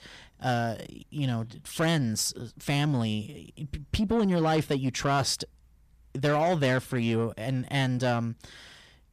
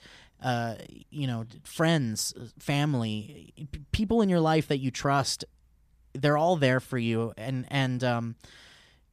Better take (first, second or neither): second